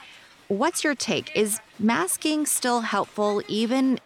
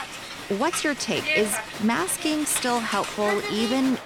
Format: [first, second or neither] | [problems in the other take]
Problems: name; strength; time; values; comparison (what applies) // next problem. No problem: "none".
first | crowd noise; loud; throughout; 5 dB below the speech; faint in the first